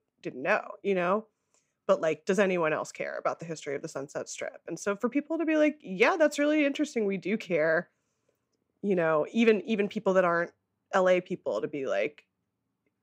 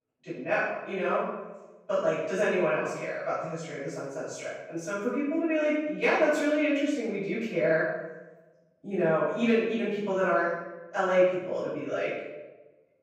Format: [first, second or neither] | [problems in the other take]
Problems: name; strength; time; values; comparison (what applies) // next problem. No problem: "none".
first | room echo; strong; dies away in 0.8 s // off-mic speech; far